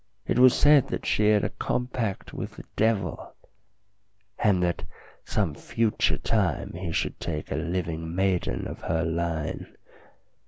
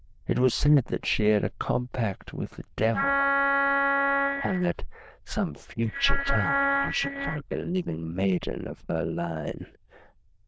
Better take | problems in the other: first | noise reduction (neural diffusion model UNIVERSE++)

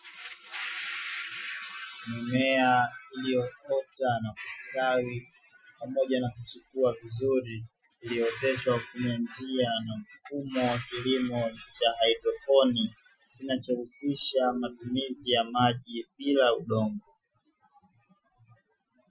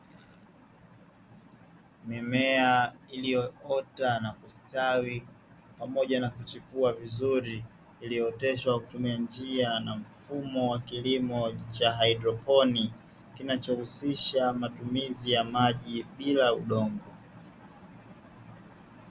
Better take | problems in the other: second | noise reduction (classical method Wiener filter)

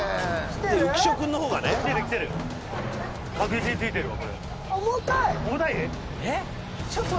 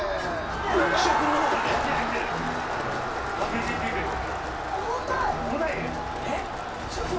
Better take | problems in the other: first | background sound (Crowd); as loud as the speech // room echo; dies away in 0.3 s

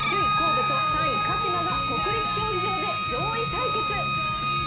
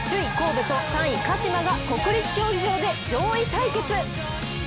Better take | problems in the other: second | background sound (Bowed string instrument); 5 dB above the speech // room echo; dies away in 1.9 s

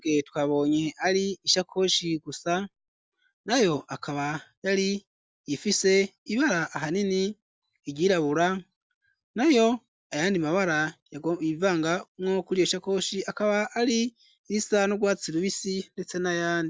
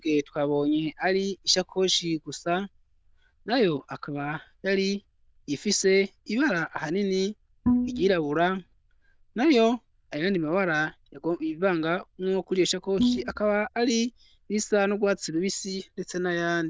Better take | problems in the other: first | noise reduction (neural diffusion model UNIVERSE++)

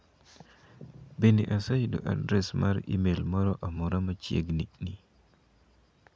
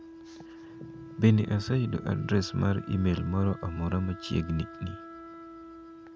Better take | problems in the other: first | background sound (Wind instrument, woodwind instrument); 16 dB below the speech

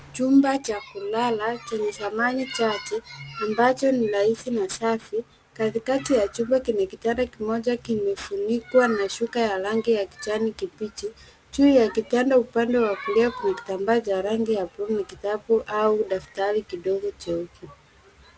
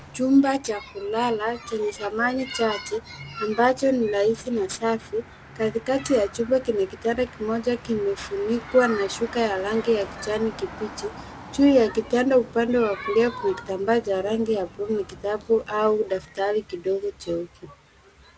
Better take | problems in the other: first | background sound (Motor vehicle (road)); 20 dB below the speech

